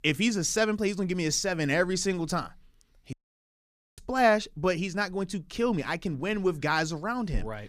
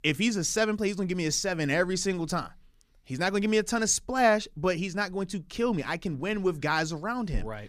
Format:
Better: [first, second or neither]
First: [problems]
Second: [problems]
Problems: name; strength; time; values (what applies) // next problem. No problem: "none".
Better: second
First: audio cutting out; at 3 s for 1 s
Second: none